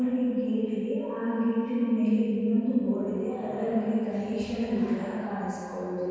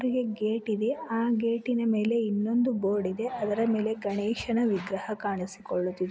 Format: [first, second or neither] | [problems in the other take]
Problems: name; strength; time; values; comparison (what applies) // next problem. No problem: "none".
second | room echo; dies away in 2.1 s